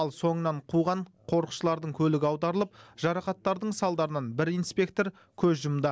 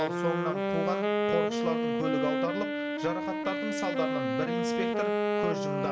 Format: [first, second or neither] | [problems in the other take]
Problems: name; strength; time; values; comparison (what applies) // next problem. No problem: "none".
first | background sound (Wind instrument, woodwind instrument); 5 dB above the speech // room echo; dies away in 0.8 s